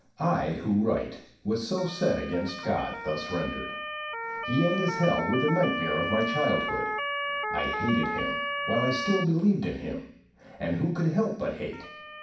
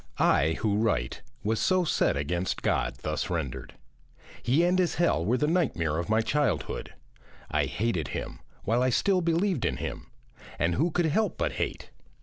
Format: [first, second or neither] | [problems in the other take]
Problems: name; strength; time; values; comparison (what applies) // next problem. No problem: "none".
second | background sound (Motor vehicle (road) / Siren); 6 dB below the speech // room echo; dies away in 0.6 s